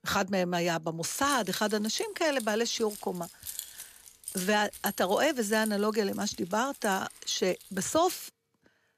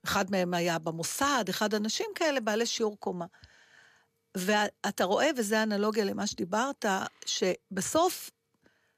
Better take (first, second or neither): second